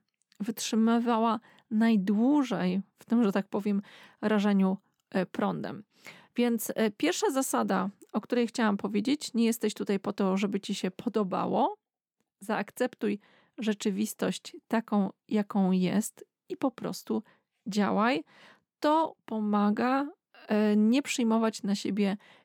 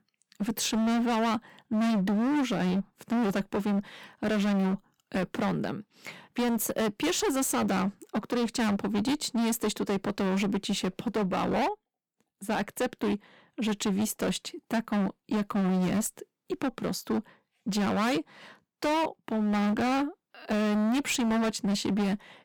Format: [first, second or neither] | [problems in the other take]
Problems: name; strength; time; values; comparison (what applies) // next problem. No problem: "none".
first | distortion; heavy; 25% of the sound clipped